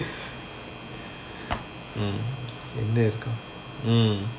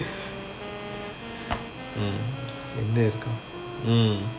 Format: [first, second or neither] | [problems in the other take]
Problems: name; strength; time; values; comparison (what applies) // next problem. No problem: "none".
first | background sound (Wind instrument, woodwind instrument); 12 dB below the speech